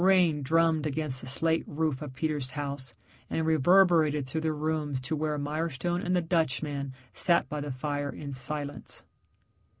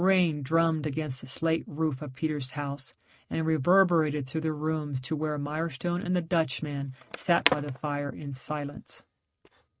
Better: first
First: none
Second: noise reduction (neural mask model RNNoise)

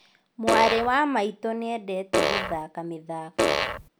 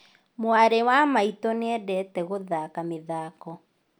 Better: second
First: background sound (Fart); 3 dB above the speech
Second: none

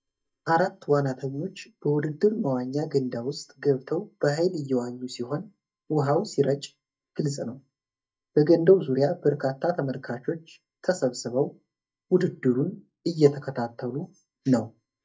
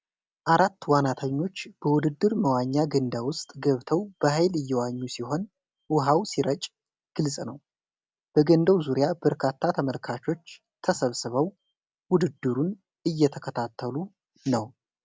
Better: second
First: noise reduction (neural mask model DeepFilterNet 3)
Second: none

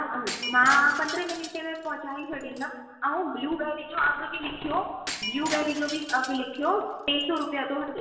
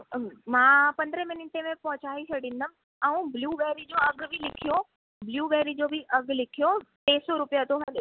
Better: second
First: background sound (Shatter); 12 dB below the speech // room echo; dies away in 1 s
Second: none

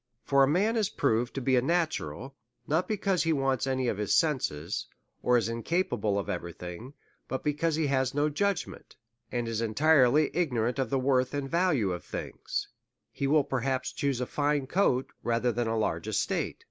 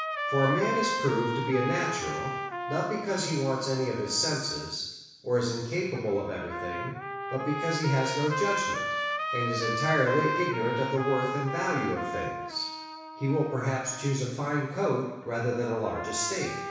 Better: first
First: none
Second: background sound (Trumpet); 5 dB below the speech // room echo; dies away in 1.1 s

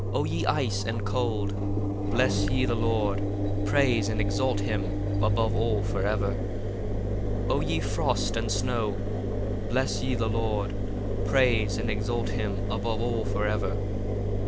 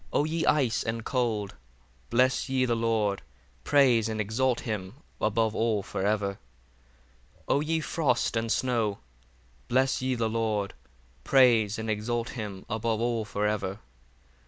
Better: second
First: background sound (Engine); 3 dB above the speech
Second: none

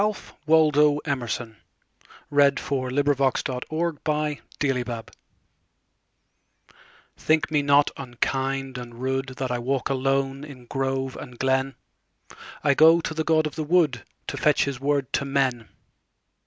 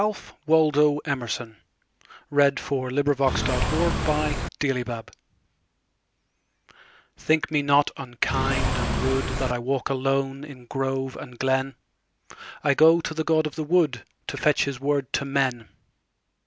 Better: first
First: none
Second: background sound (Engine / Car); as loud as the speech

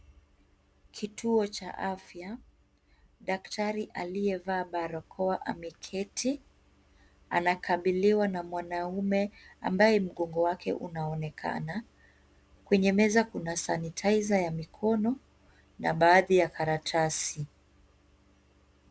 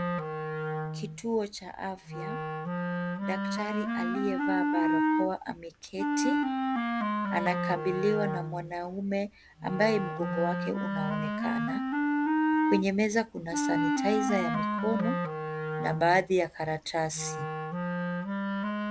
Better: first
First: none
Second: background sound (Wind instrument, woodwind instrument); 1 dB above the speech

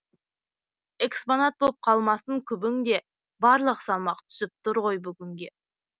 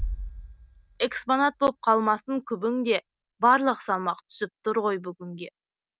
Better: first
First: none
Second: background sound (Bass drum); 15 dB below the speech

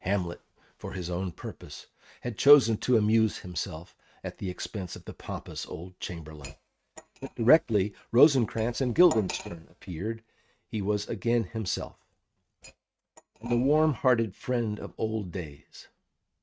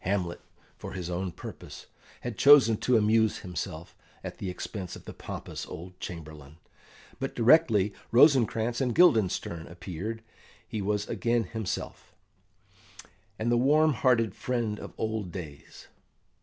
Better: second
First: noise reduction (neural mask model RNNoise)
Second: none

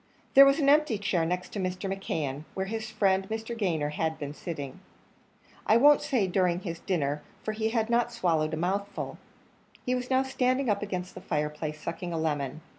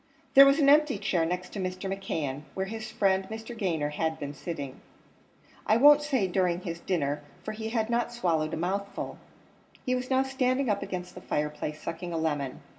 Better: first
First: none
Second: background sound (Bowed string instrument); 14 dB below the speech // room echo; dies away in 1.5 s

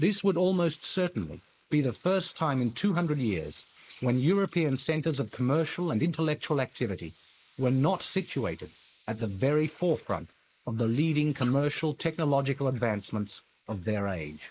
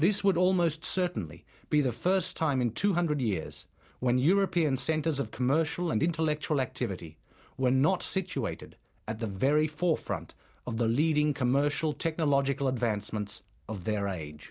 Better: second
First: noise reduction (neural mask model Resemble Enhance denoiser)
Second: none

